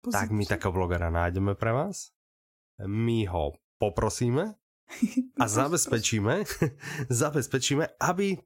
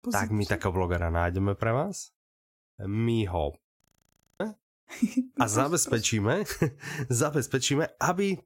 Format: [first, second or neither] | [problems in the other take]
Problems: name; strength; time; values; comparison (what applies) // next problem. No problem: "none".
first | audio freezing; at 4 s for 0.5 s